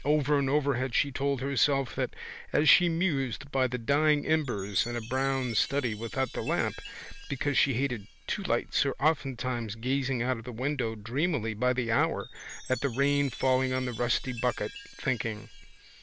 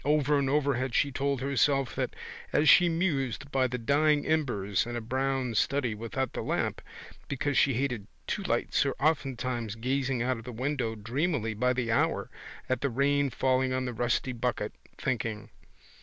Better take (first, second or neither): second